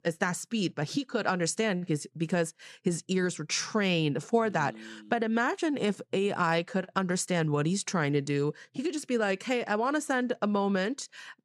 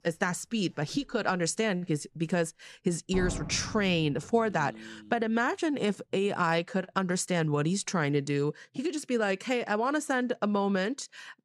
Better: first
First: none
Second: door banging; noticeable; from 3 to 4 s; peak 7 dB below the speech

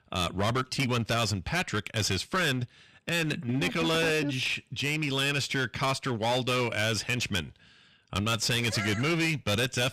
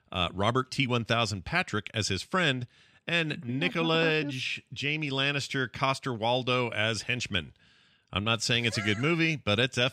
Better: second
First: distortion; heavy; 16% of the sound clipped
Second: none

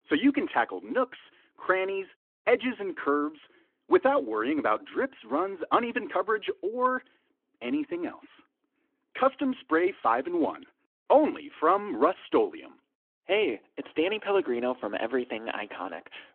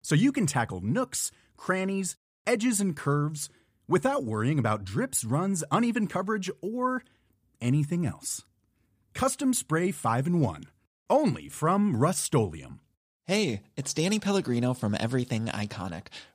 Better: second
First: phone-call audio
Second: none

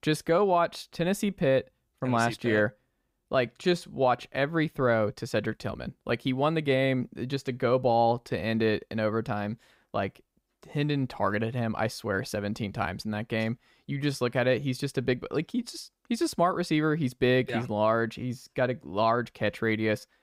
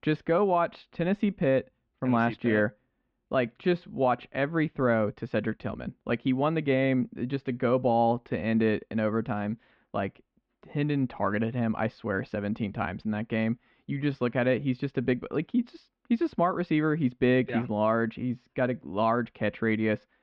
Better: first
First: none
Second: muffled; slightly; fading above 3 kHz

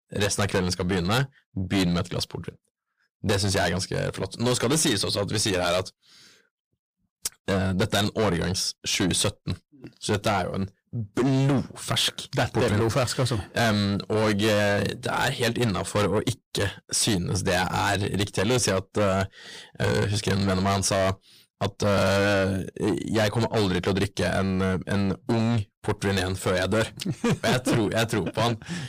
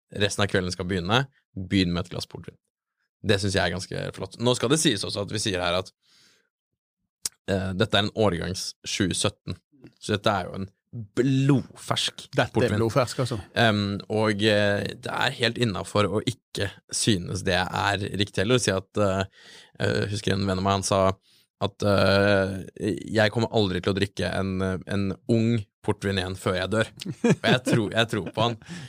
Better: second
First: distortion; heavy; 6 dB below the speech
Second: none

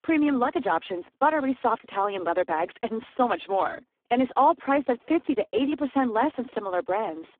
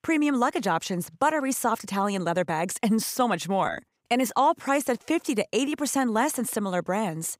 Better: second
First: phone-call audio; poor line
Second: none

